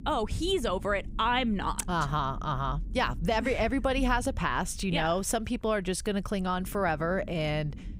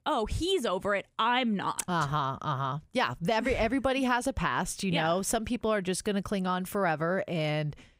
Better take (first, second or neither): second